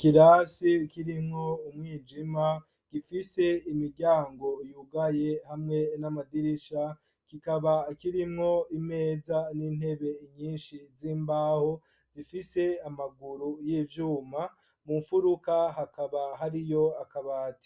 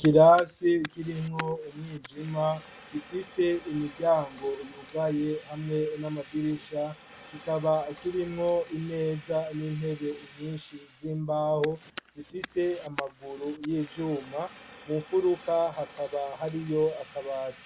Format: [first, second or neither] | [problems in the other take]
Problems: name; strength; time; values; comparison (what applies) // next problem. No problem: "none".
first | background sound (Fire); 19 dB below the speech